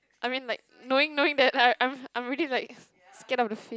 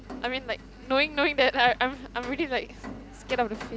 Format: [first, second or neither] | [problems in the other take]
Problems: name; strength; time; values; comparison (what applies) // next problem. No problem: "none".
first | background sound (Rain); 15 dB below the speech